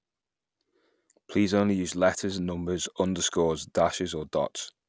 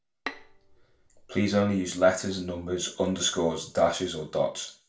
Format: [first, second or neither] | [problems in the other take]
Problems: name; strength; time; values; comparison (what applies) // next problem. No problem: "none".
first | background sound (Bowed string instrument); 15 dB below the speech // room echo; dies away in 0.3 s